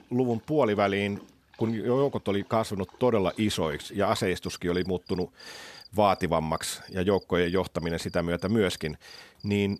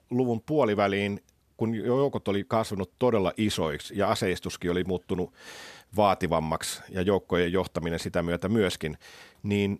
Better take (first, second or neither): second